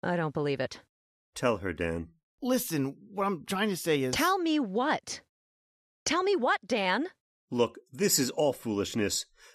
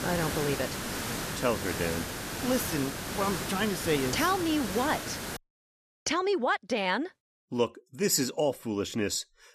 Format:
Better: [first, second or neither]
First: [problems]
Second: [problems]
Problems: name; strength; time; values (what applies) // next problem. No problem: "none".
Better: first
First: none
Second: hiss; loud; until 5.5 s; 4 dB below the speech